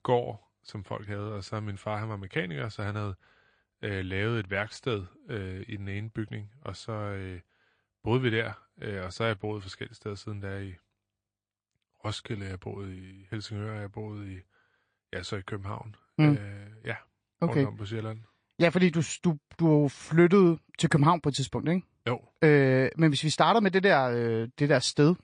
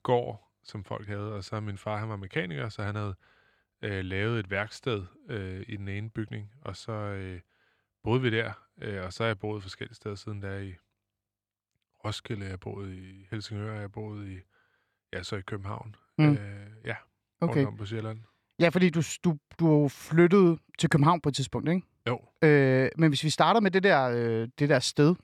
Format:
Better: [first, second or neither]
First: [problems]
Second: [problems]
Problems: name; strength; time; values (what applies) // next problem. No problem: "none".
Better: second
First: garbled, watery; slightly; nothing above 9.5 kHz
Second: none